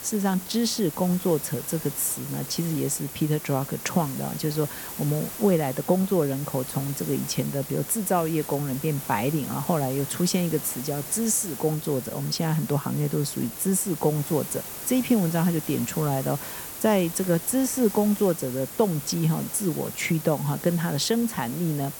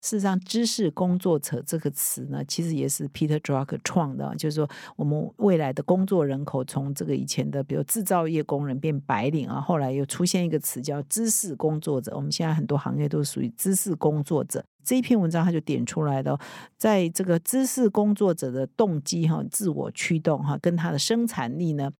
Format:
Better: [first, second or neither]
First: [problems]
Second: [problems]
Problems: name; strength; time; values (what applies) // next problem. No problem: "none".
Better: second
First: hiss; loud; throughout; 9 dB below the speech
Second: none